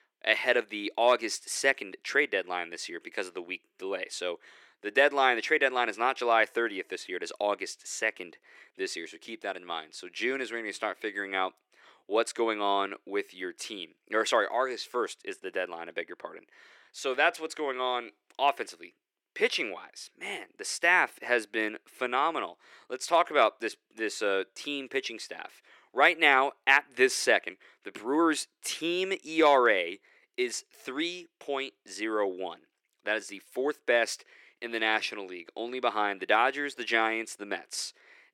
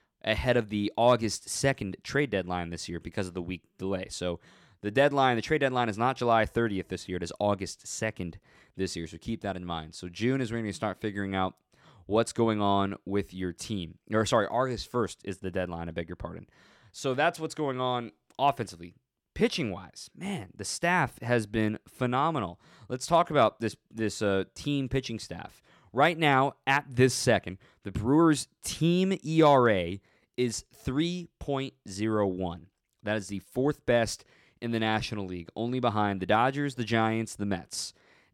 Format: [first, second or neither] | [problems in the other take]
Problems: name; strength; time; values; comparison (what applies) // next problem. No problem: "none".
second | thin; somewhat; fading below 350 Hz